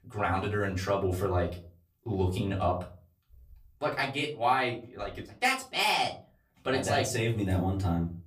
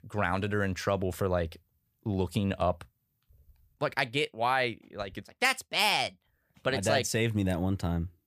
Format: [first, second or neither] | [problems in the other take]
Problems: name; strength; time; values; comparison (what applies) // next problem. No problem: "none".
second | off-mic speech; far // room echo; very slight; dies away in 0.3 s